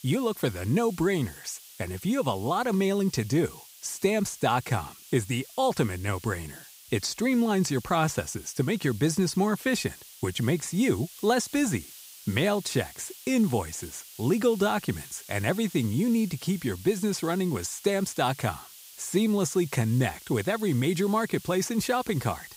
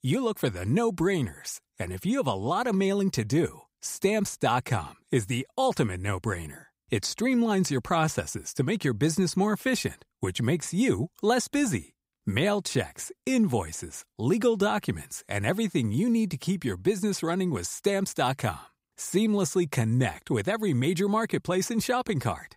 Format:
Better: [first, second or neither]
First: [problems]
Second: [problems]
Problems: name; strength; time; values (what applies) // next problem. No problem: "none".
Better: second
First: hiss; noticeable; throughout; 20 dB below the speech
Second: none